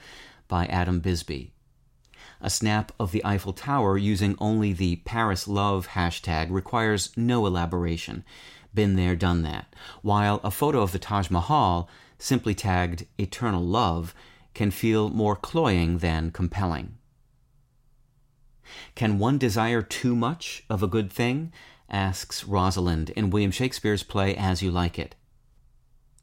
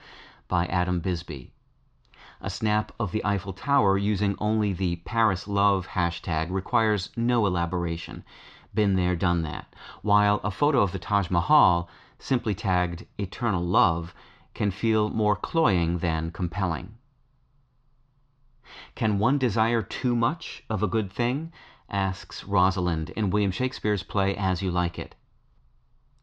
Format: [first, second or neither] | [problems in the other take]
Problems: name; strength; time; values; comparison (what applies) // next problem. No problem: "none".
first | muffled; slightly; fading above 4.5 kHz